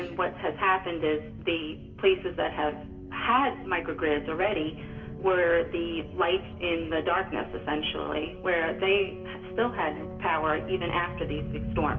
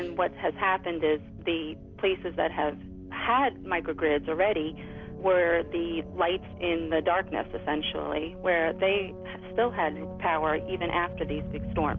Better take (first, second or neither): second